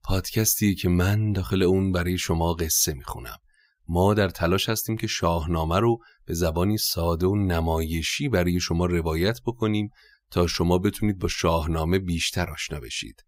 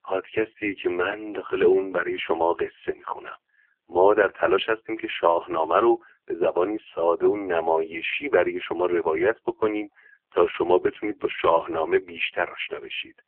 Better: first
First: none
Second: phone-call audio; poor line; nothing above 3 kHz

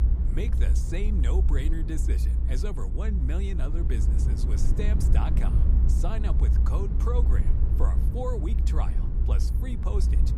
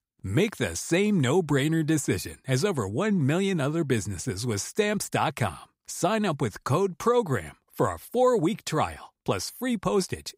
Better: second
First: low rumble; loud; throughout; 4 dB below the speech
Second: none

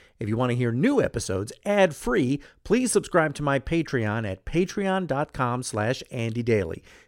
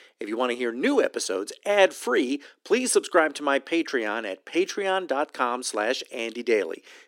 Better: first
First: none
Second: thin; somewhat; fading below 250 Hz

